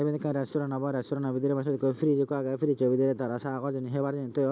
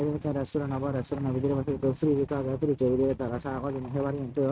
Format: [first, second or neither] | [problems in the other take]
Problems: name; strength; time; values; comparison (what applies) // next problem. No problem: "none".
first | noise reduction (neural mask model RNNoise)